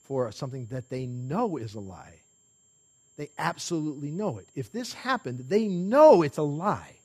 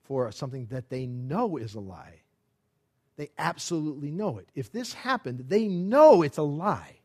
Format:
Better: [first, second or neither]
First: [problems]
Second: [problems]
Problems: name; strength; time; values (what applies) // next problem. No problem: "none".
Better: second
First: high-pitched whine; faint; throughout; 7.5 kHz, 30 dB below the speech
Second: none